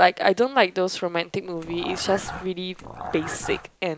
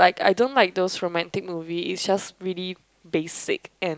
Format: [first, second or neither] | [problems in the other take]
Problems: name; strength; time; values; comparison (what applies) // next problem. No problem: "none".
second | background sound (Dog); 11 dB below the speech